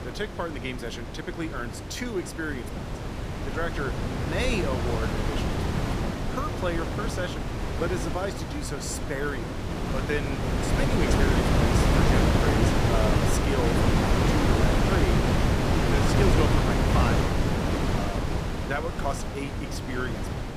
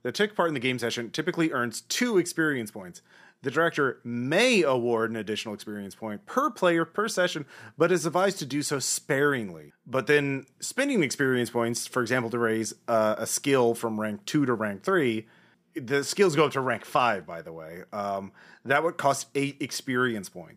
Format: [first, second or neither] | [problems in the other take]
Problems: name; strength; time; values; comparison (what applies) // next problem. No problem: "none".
second | wind noise on the microphone; heavy; 3 dB above the speech